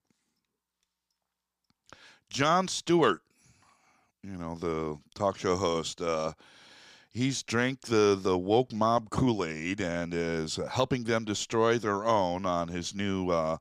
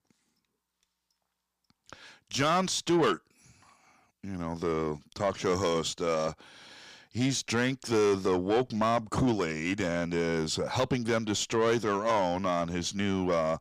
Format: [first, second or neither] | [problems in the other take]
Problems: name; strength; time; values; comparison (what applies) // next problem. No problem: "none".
first | distortion; slight; 10 dB below the speech